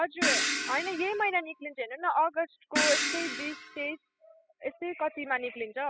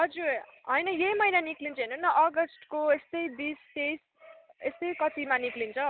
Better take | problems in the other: second | noise reduction (classical method spectral subtraction)

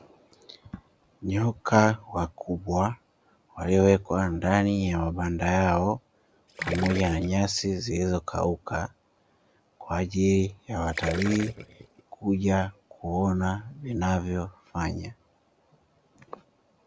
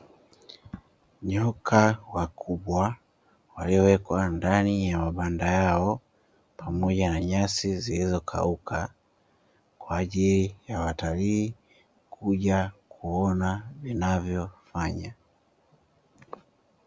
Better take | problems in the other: second | background sound (Gurgling); 10 dB below the speech

